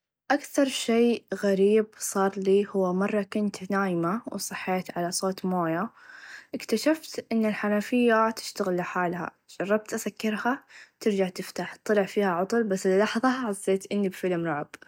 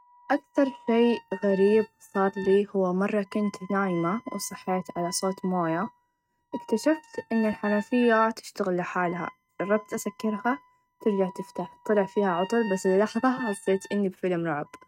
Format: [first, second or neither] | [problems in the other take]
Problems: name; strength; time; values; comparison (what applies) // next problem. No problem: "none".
first | noise reduction (neural mask model RNNoise)